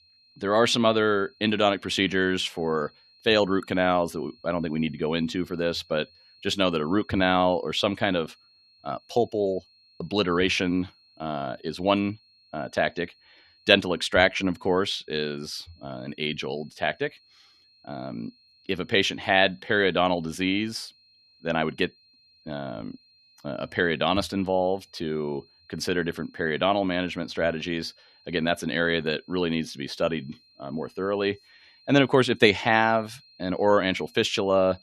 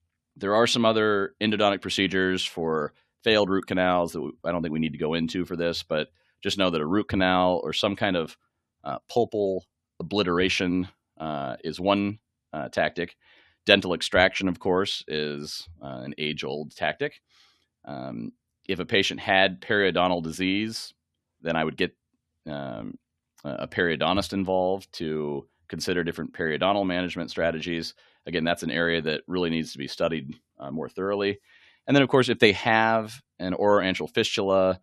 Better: second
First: high-pitched whine; faint; throughout; 4.5 kHz, 30 dB below the speech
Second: none

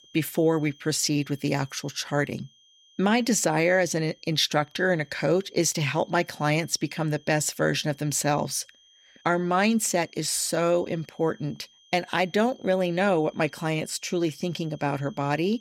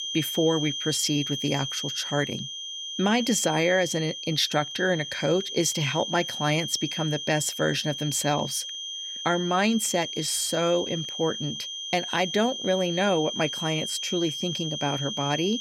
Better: first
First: high-pitched whine; faint; throughout; 3 kHz, 30 dB below the speech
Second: high-pitched whine; loud; throughout; 3 kHz, 5 dB below the speech

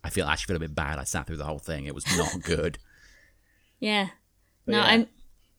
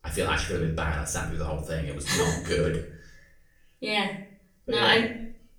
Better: first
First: none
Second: off-mic speech; far // room echo; slight; dies away in 0.4 s

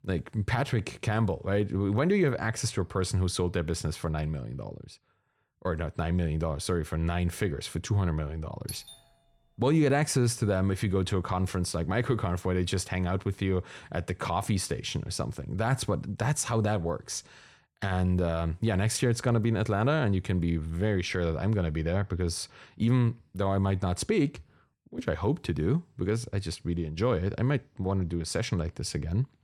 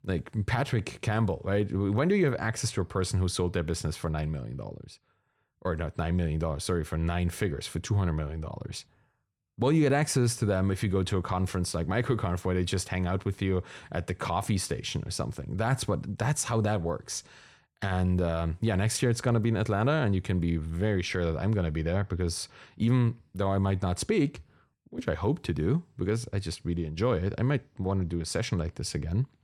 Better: second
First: doorbell; faint; at 8.5 s; peak 15 dB below the speech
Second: none

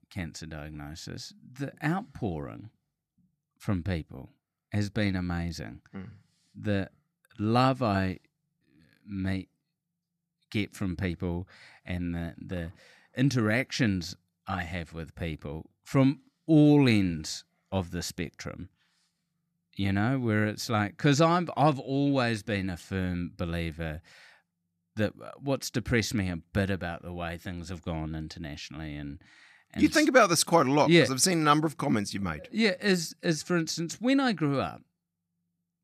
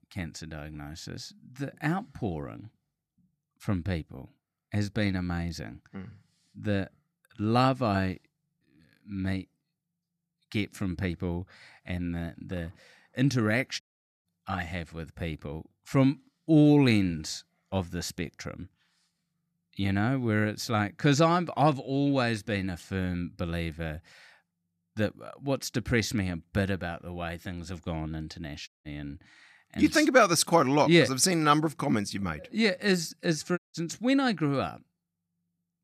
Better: first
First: none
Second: audio cutting out; at 14 s, at 29 s and at 34 s

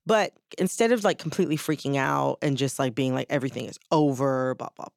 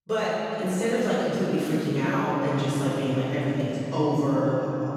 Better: first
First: none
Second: room echo; strong; dies away in 3 s // off-mic speech; far

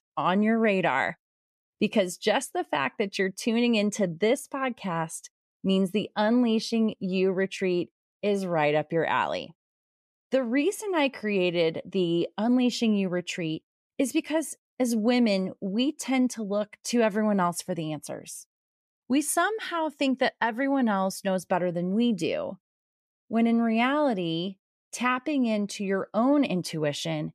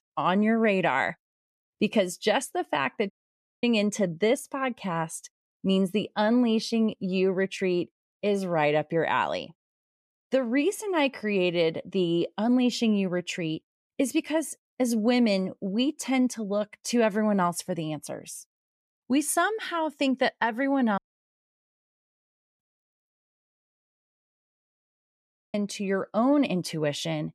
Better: first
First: none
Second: audio cutting out; at 3 s for 0.5 s, at 21 s for 1.5 s and at 23 s for 2.5 s

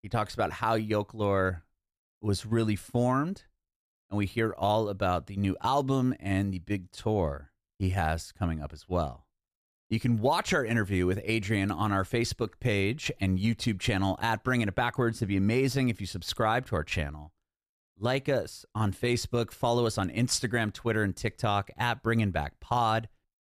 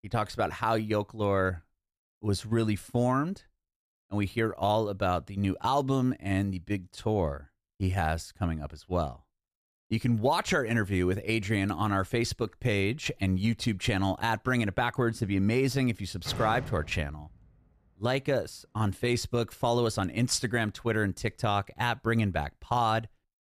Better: first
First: none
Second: door banging; noticeable; from 16 to 17 s; peak 8 dB below the speech

